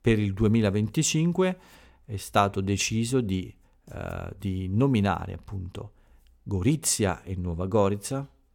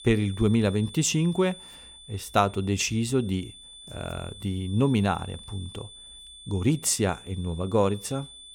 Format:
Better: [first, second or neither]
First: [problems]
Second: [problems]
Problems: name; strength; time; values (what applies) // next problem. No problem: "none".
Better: first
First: none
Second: high-pitched whine; noticeable; throughout; 3.5 kHz, 15 dB below the speech